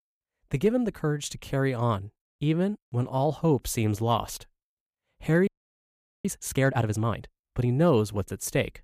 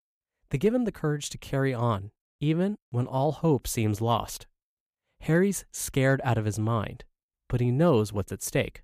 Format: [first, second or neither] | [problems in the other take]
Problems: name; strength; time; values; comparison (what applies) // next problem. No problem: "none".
second | audio freezing; at 5.5 s for 1 s